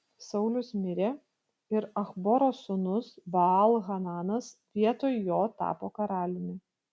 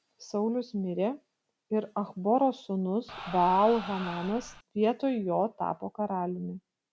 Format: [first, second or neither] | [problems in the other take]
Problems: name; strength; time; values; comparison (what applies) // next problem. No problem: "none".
first | background sound (Crowd); 11 dB below the speech